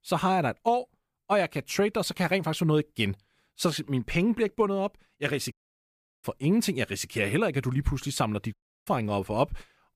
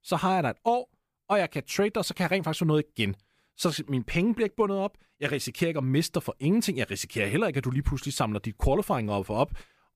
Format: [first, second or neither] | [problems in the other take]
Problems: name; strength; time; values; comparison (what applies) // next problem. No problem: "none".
second | audio cutting out; at 5.5 s for 0.5 s and at 8.5 s